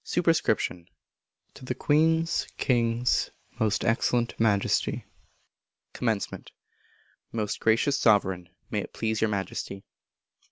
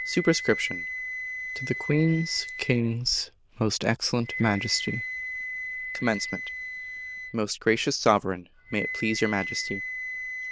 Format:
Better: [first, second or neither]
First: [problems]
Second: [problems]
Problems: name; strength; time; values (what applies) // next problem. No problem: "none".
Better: first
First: none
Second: noise reduction (neural diffusion model UNIVERSE++)